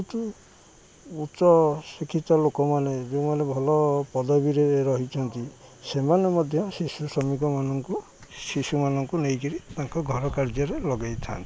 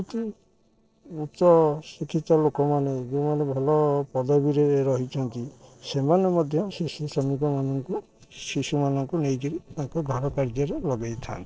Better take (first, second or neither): first